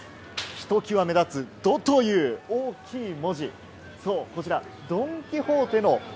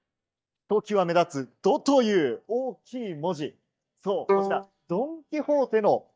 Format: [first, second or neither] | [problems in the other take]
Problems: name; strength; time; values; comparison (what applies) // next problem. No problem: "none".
first | noise reduction (neural mask model DeepFilterNet 3)